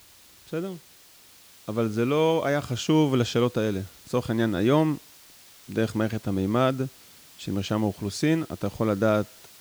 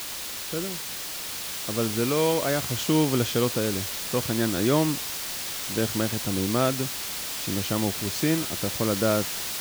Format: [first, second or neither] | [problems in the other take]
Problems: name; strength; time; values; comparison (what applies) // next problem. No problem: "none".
first | hiss; loud; throughout; 3 dB below the speech; faint in the first